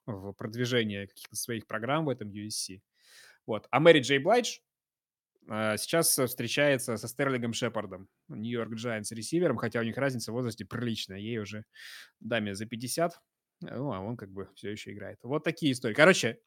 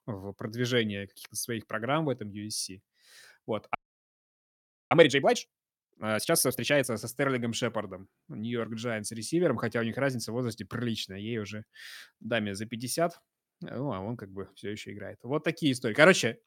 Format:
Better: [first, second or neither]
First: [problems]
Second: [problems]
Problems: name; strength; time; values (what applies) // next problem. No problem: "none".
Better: first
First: none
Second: audio freezing; at 4 s for 1 s